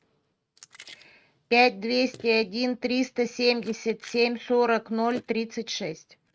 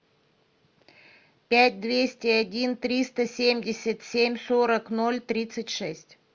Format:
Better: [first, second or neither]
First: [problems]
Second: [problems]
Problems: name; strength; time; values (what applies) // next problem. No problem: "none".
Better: second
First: noise reduction (neural mask model RNNoise)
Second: none